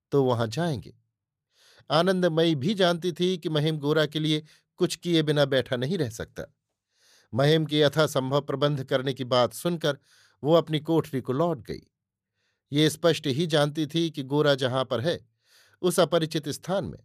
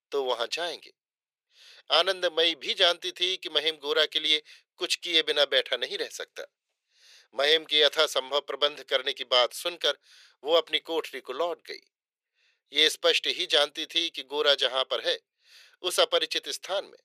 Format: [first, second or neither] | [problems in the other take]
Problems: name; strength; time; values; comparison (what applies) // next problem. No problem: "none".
first | thin; very; fading below 450 Hz